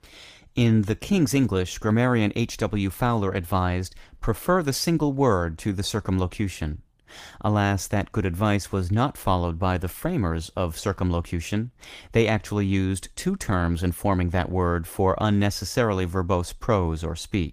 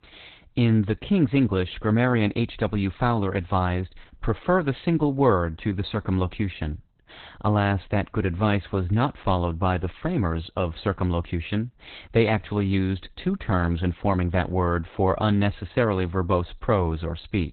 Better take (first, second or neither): first